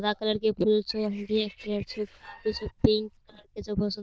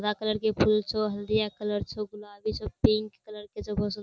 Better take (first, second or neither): second